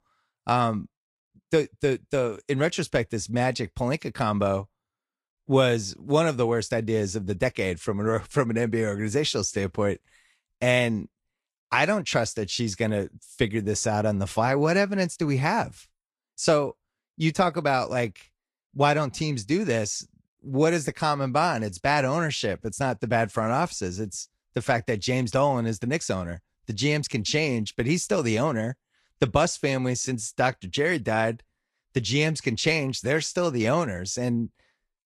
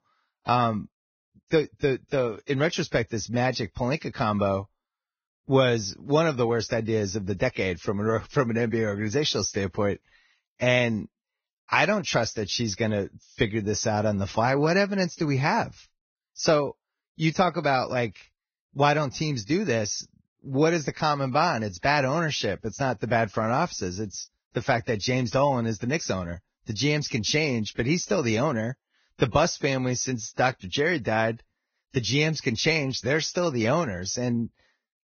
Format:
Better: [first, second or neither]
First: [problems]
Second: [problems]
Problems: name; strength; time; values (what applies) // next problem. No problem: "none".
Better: first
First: garbled, watery; slightly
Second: garbled, watery; badly; nothing above 6.5 kHz